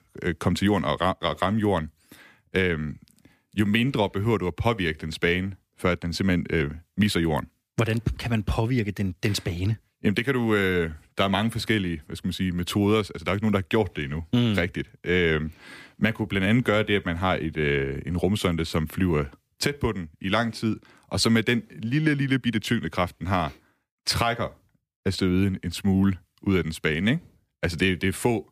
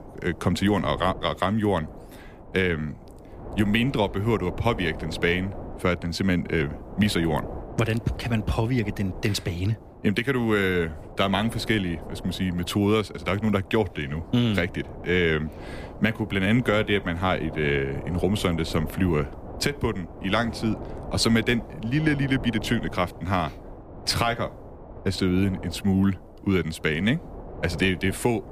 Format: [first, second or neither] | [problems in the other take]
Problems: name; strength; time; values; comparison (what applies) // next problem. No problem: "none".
first | wind noise on the microphone; occasional gusts; 15 dB below the speech